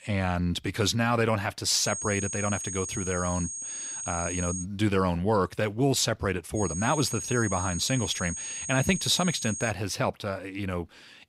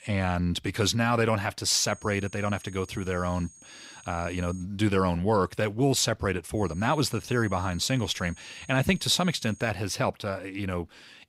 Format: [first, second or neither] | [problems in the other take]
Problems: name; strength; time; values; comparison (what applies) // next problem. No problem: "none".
second | high-pitched whine; loud; from 2 to 4.5 s and from 6.5 to 9.5 s; 6.5 kHz, 5 dB below the speech; faint in the second